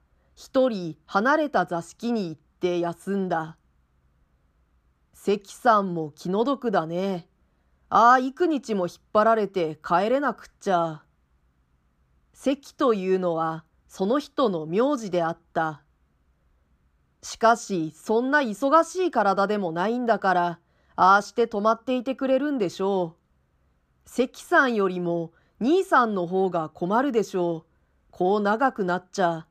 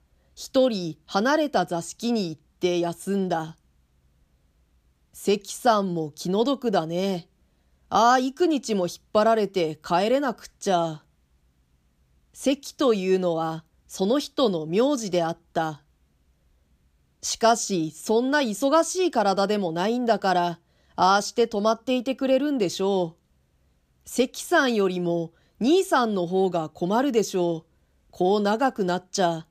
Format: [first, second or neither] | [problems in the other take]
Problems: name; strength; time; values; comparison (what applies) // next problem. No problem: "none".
second | muffled; slightly; fading above 2.5 kHz